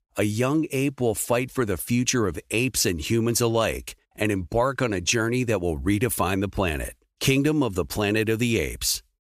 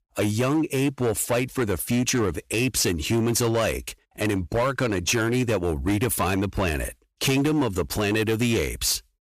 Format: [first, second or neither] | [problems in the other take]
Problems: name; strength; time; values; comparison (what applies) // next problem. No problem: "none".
first | distortion; slight; 13% of the sound clipped